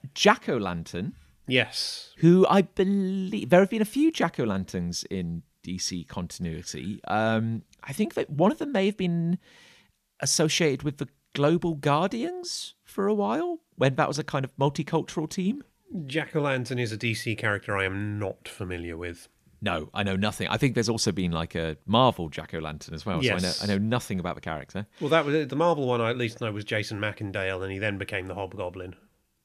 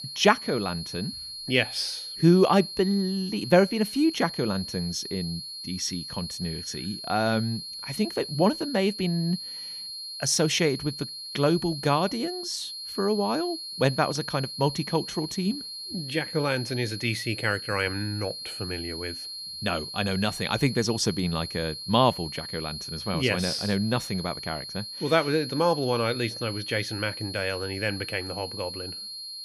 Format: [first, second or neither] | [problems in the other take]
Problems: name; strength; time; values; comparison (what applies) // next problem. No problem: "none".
first | high-pitched whine; loud; throughout; 4.5 kHz, 8 dB below the speech